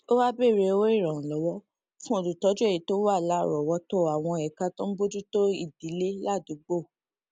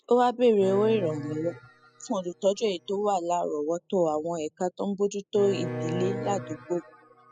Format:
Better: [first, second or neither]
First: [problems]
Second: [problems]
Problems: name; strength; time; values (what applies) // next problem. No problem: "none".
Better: first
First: none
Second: noise reduction (classical method spectral subtraction)